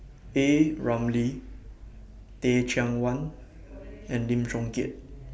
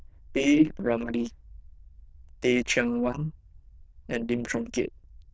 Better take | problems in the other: first | noise reduction (neural diffusion model UNIVERSE++)

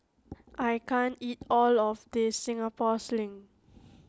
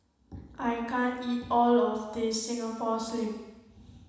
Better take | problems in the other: first | room echo; dies away in 1.1 s

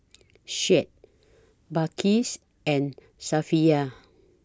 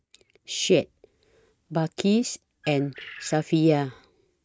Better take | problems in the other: first | noise reduction (neural mask model RNNoise)

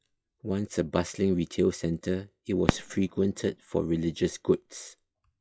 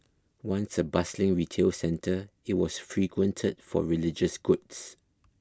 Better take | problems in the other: second | noise reduction (classical method log-MMSE)

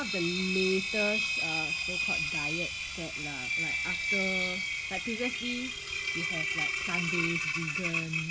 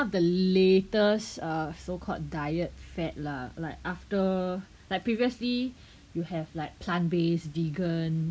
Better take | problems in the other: second | background sound (Engine); 4 dB above the speech

